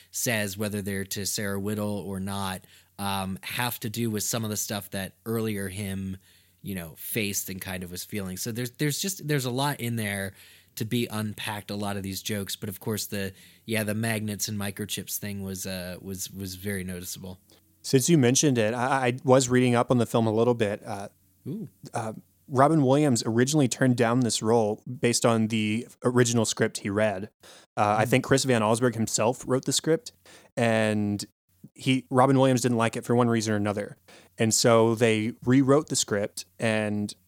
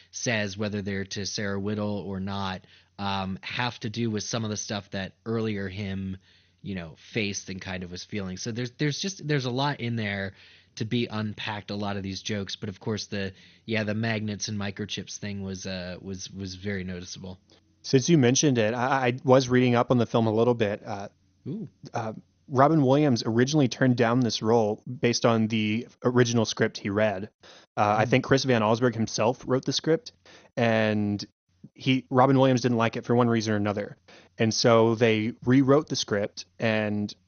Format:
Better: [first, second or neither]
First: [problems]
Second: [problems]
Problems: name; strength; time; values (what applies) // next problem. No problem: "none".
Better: first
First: none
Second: garbled, watery; slightly; nothing above 6.5 kHz